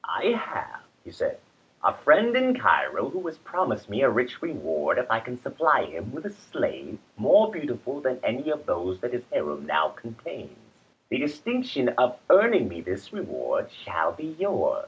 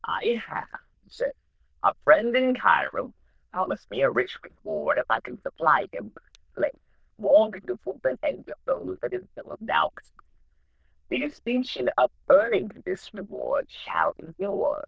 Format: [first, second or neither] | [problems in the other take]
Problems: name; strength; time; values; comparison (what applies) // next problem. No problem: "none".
first | noise reduction (neural diffusion model UNIVERSE++)